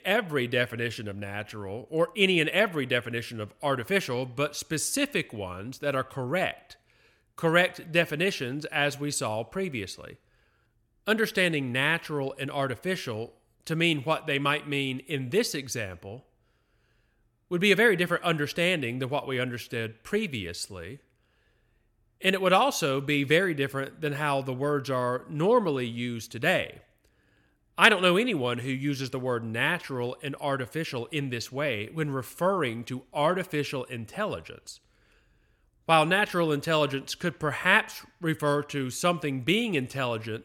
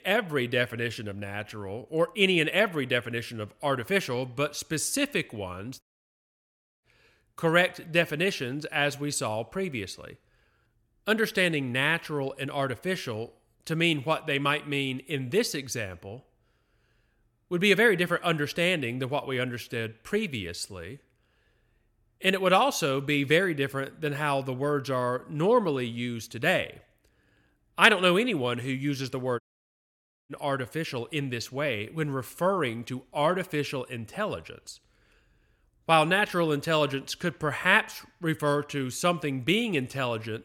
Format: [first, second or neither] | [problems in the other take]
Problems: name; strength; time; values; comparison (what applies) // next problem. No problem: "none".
first | audio cutting out; at 6 s for 1 s and at 29 s for 1 s